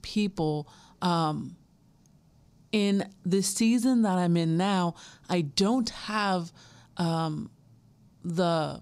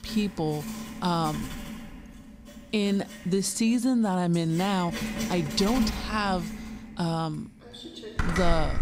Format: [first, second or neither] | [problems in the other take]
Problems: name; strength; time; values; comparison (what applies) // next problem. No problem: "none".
first | household noises; loud; throughout; 8 dB below the speech